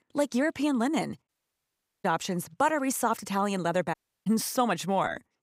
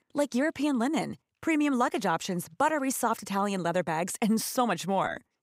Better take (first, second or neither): second